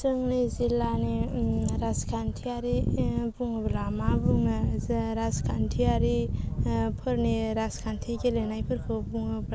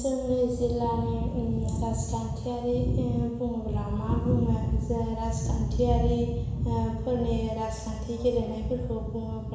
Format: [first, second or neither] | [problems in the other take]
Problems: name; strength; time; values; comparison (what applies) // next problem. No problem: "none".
first | room echo; dies away in 1 s